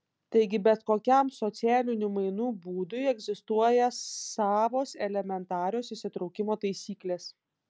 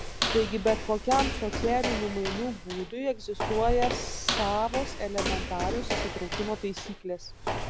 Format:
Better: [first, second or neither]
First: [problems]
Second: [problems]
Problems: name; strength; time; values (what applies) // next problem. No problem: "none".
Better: first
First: none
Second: background sound (Walk, footsteps); 2 dB below the speech